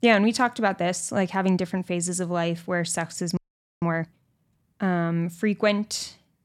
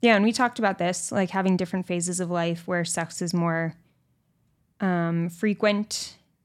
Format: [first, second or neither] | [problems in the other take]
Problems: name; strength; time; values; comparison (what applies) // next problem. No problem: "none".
second | audio freezing; at 3.5 s